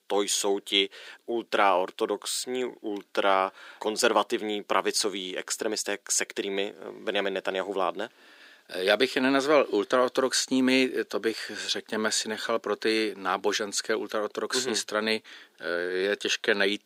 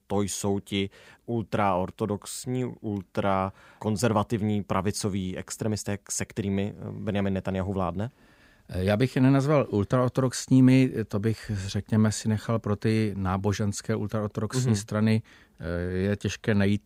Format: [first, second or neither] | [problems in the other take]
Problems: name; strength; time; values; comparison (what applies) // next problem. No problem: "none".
second | thin; somewhat; fading below 350 Hz